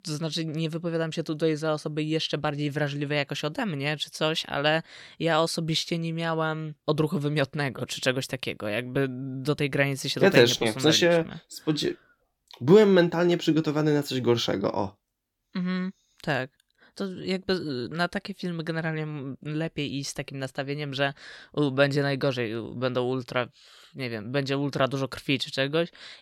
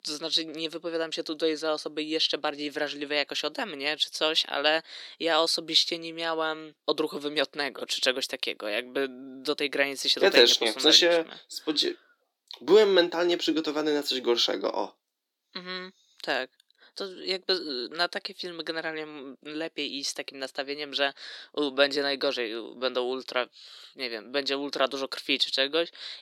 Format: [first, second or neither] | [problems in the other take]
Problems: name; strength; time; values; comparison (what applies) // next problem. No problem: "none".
first | thin; somewhat; fading below 300 Hz